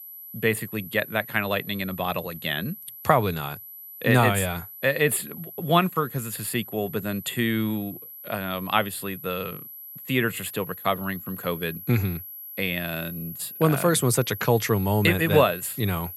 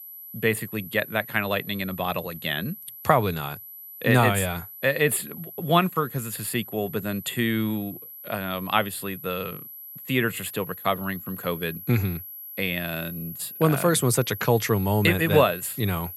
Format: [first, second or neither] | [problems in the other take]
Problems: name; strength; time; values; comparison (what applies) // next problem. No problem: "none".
neither | high-pitched whine; noticeable; throughout; 12 kHz, 15 dB below the speech; the same in both